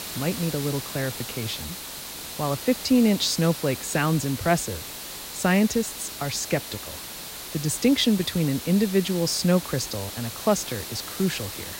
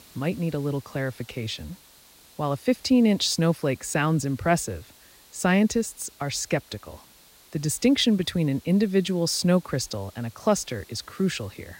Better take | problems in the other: second | hiss; loud; throughout; 9 dB below the speech; faint in the second

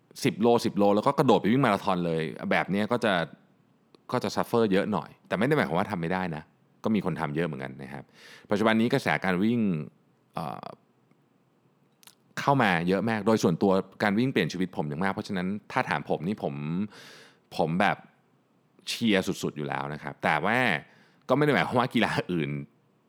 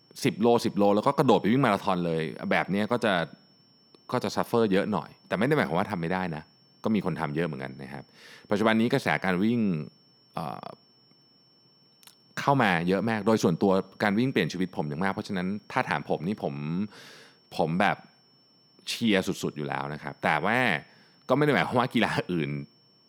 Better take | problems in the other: first | high-pitched whine; faint; throughout; 5.5 kHz, 35 dB below the speech

